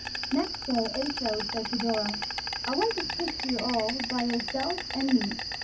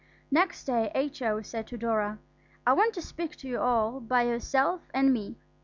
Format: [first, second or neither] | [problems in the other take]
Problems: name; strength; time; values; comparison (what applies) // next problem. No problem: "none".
second | background sound (Insect); 4 dB below the speech // room echo; dies away in 0.3 s